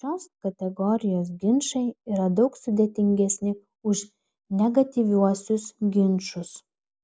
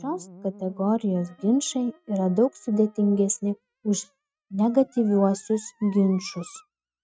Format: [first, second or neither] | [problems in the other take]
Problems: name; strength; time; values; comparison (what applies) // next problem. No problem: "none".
first | noise reduction (neural mask model RNNoise)